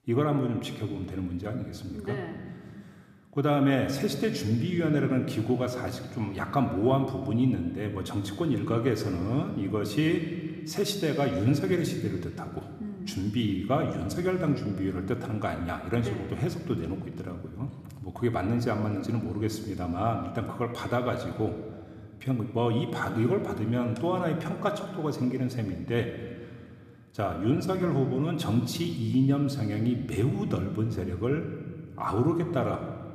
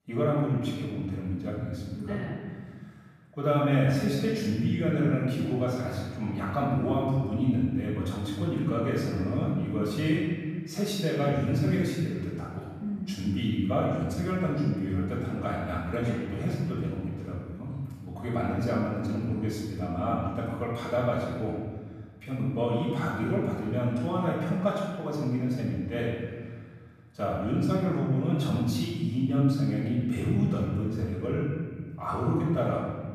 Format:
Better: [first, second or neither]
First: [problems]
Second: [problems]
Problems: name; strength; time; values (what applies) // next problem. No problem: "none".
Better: first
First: room echo; slight; dies away in 1.6 s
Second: room echo; strong; dies away in 1.6 s // off-mic speech; far